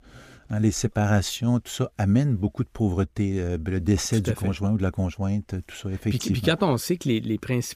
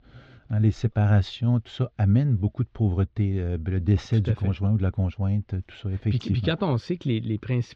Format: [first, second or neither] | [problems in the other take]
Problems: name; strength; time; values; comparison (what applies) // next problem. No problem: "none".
first | muffled; slightly; fading above 4 kHz